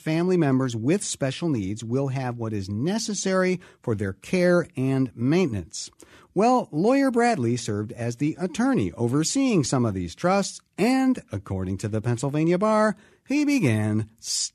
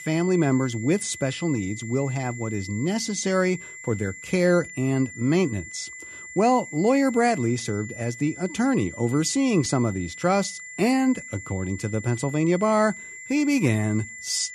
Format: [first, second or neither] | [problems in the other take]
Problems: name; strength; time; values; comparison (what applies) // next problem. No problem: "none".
first | high-pitched whine; noticeable; throughout; 2 kHz, 15 dB below the speech